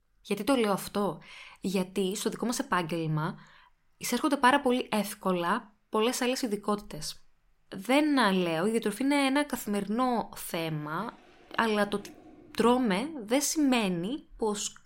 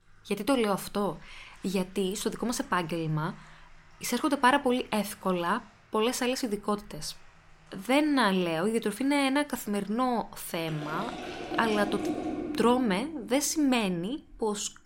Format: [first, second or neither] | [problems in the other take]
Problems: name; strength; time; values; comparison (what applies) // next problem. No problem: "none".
first | household noises; loud; throughout; 8 dB below the speech; faint in the first